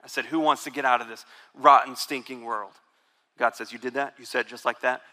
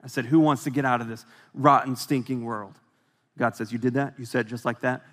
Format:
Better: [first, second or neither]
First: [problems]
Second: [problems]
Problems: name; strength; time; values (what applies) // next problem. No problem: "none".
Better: second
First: thin; very; fading below 550 Hz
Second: none